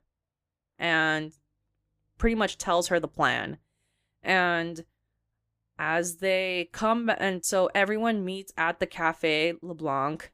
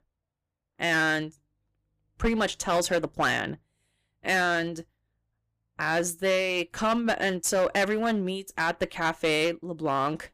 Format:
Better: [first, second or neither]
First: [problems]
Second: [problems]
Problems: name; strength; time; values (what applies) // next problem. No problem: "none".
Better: first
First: none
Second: distortion; slight; 7% of the sound clipped